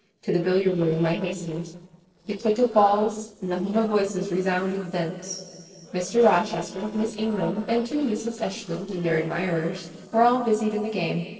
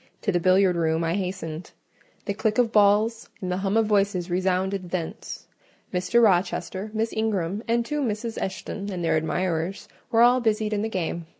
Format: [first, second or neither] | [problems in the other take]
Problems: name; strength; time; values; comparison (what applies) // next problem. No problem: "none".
second | noise reduction (neural separator model SepFormer DNS4)